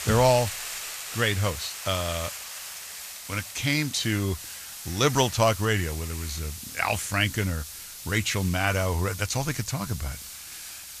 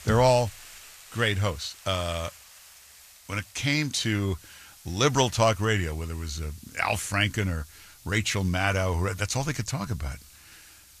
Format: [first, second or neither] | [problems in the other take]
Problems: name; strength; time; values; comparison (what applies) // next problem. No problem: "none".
second | hiss; loud; throughout; 9 dB below the speech; faint in the second